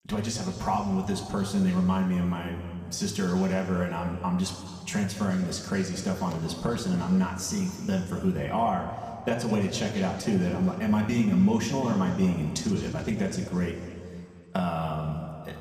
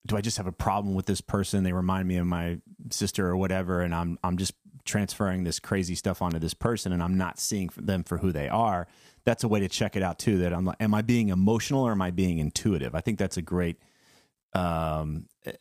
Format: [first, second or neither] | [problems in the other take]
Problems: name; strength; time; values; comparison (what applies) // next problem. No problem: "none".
second | room echo; noticeable; dies away in 2.2 s // off-mic speech; somewhat distant